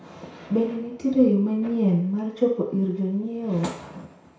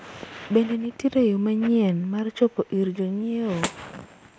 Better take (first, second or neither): second